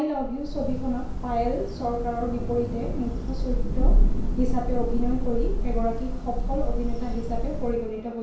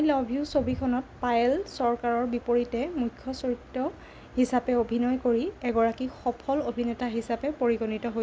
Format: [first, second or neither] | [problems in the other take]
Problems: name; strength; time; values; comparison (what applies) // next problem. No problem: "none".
second | background sound (Thunder / Rain); 5 dB above the speech // room echo; dies away in 0.6 s